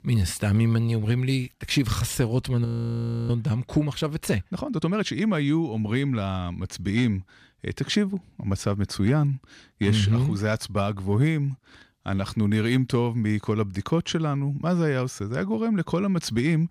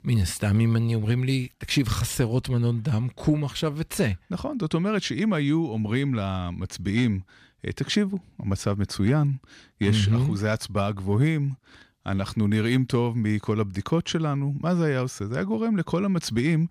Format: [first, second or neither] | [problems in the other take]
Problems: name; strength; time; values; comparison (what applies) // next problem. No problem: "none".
second | audio freezing; at 2.5 s for 0.5 s